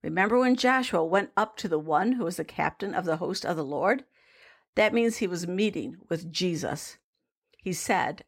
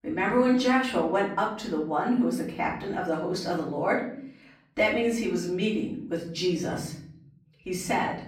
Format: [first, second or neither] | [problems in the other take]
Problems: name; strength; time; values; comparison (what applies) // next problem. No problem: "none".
first | off-mic speech; far // room echo; slight; dies away in 0.9 s